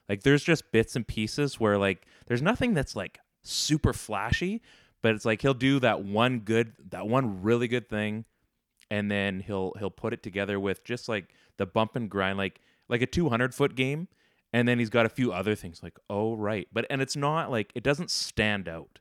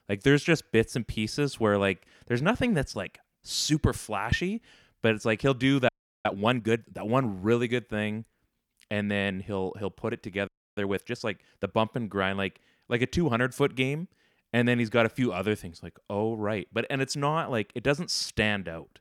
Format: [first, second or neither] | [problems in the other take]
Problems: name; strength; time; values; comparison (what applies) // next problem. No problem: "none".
first | audio freezing; at 6 s and at 10 s